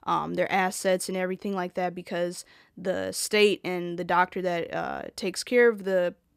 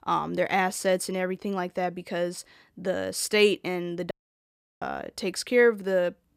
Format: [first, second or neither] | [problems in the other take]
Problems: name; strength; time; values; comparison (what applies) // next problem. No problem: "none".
first | audio cutting out; at 4 s for 0.5 s